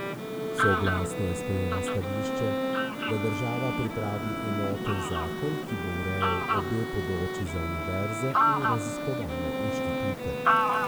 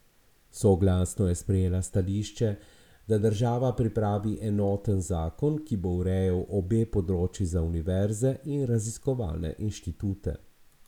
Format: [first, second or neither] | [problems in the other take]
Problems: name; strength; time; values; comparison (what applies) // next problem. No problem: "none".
second | background sound (Fowl + Bowed string instrument); 3 dB above the speech